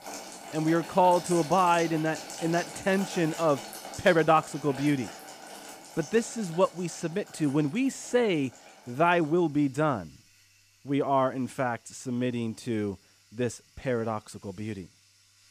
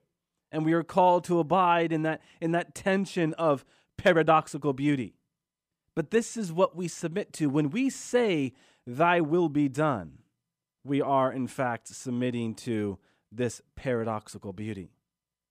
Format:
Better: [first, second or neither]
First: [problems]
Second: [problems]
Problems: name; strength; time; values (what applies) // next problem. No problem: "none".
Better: second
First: household noises; noticeable; throughout; 15 dB below the speech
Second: none